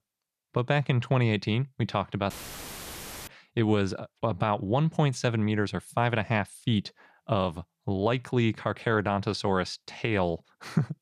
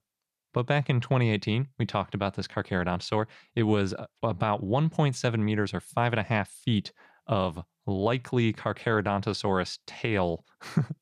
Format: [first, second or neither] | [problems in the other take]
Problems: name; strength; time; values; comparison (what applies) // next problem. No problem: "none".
second | audio cutting out; filled with static; at 2.5 s for 1 s